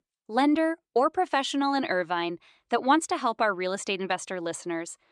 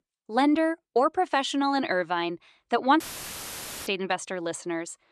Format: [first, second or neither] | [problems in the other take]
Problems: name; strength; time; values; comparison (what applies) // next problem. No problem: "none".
first | audio cutting out; filled with static; at 3 s for 1 s